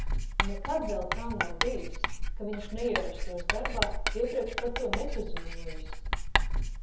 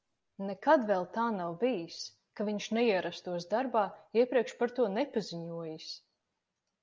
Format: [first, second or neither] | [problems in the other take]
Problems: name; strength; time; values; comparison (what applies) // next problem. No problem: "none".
second | background sound (Writing); 5 dB above the speech // room echo; dies away in 0.7 s